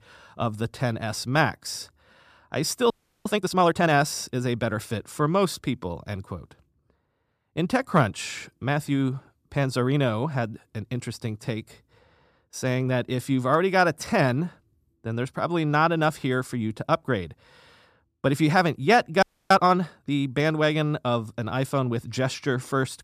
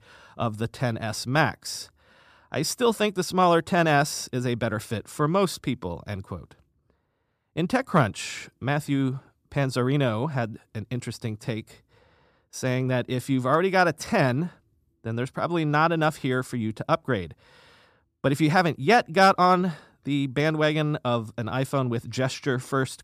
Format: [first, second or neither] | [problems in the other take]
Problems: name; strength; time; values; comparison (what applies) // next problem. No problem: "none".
second | audio freezing; at 3 s and at 19 s